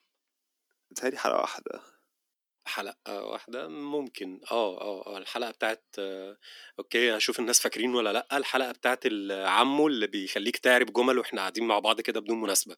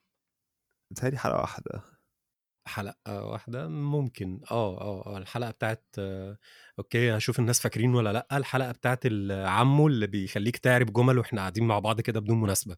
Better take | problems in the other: second | thin; somewhat; fading below 250 Hz

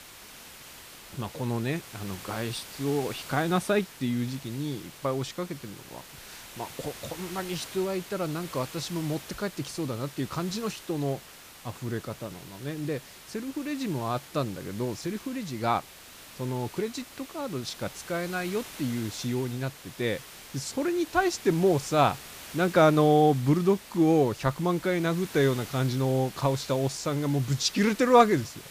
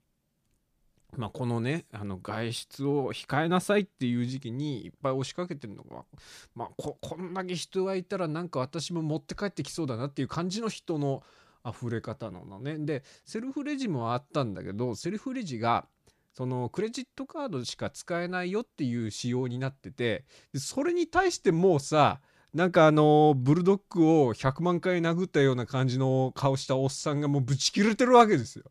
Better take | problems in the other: second | hiss; noticeable; throughout; 15 dB below the speech

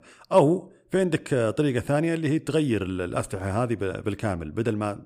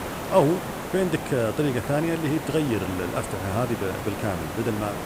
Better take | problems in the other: first | hiss; loud; throughout; 7 dB below the speech

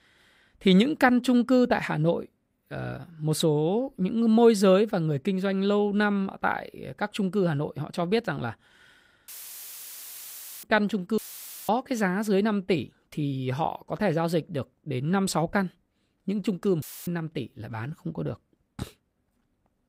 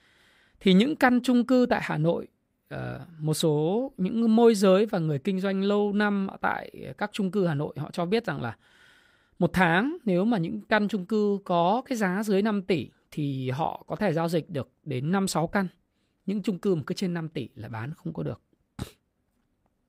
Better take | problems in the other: second | audio cutting out; filled with static; at 9.5 s for 1.5 s, at 11 s for 0.5 s and at 17 s

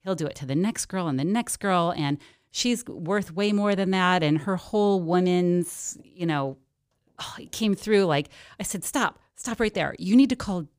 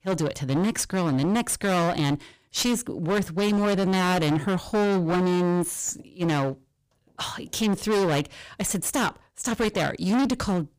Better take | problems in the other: first | distortion; heavy; 24% of the sound clipped

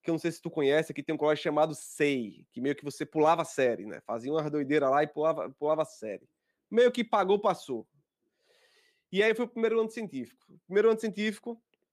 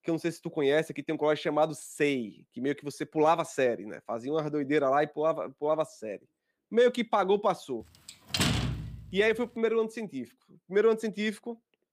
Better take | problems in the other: first | door banging; loud; at 8 s; peak 2 dB above the speech

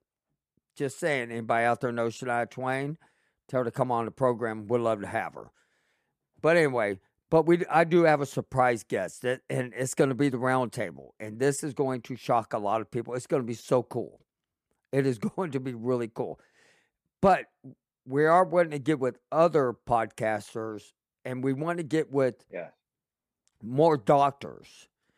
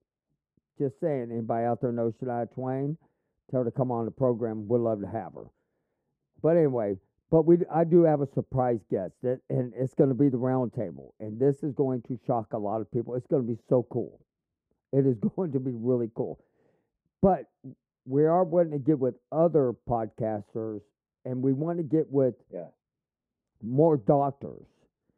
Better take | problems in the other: first | muffled; very; fading above 1 kHz

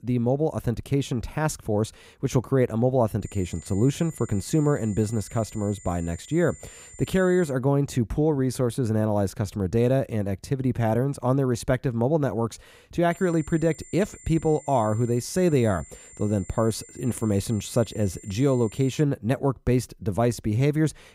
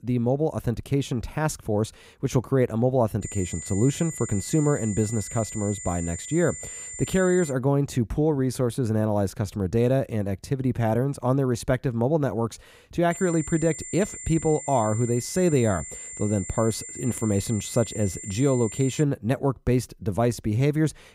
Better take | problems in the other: first | high-pitched whine; loud; from 3 to 7.5 s and from 13 to 19 s; 7 kHz, 10 dB below the speech; faint in the first

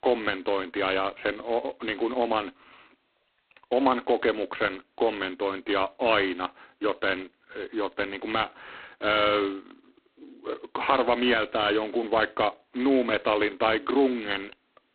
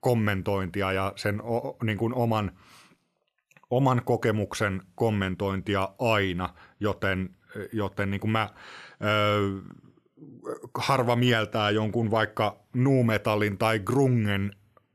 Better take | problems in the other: second | phone-call audio; poor line; nothing above 4 kHz

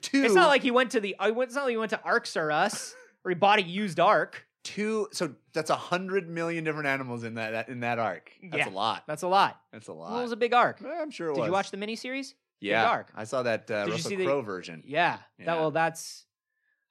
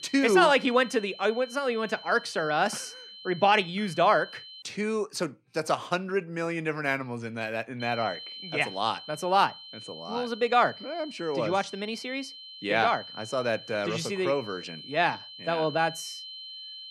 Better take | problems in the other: first | high-pitched whine; noticeable; until 4.5 s and from 8 s on; 3 kHz, 15 dB below the speech

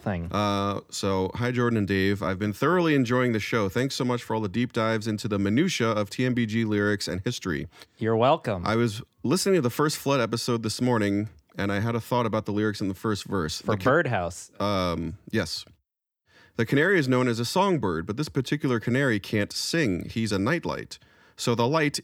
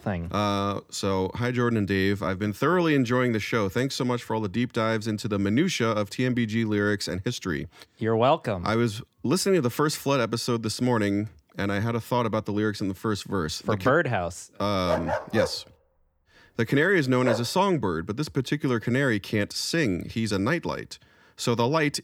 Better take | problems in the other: first | dog barking; noticeable; from 15 to 17 s; peak 2 dB below the speech

